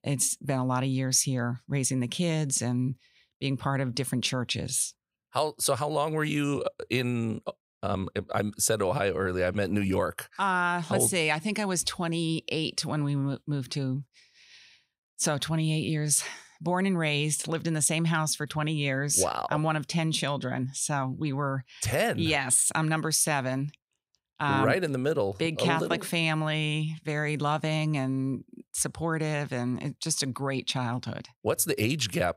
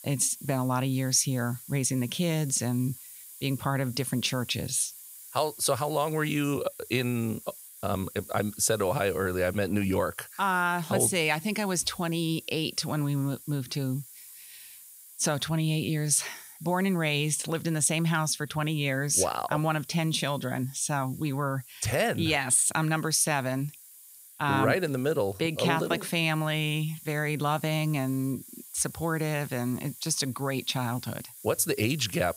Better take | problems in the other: first | hiss; noticeable; throughout; 15 dB below the speech

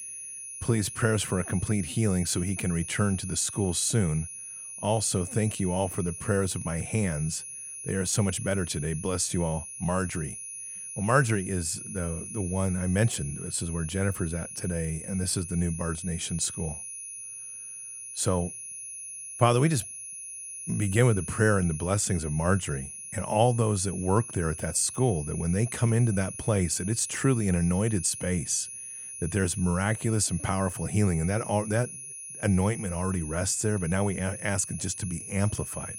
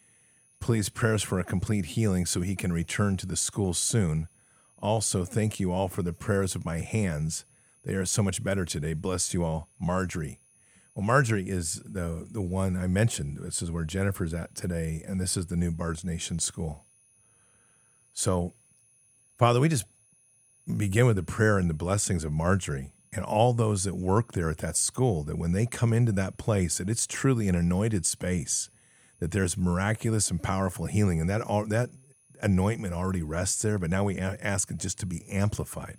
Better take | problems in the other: second | high-pitched whine; loud; throughout; 10.5 kHz, 9 dB below the speech; faint in the second

